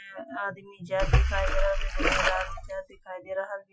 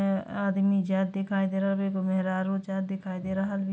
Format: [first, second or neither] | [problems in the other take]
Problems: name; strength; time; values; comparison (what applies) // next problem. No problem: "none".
second | noise reduction (classical method Wiener filter)